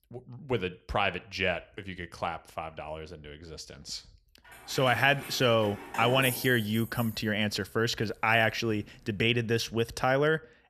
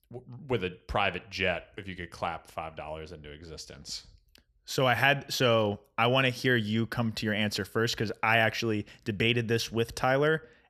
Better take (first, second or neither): second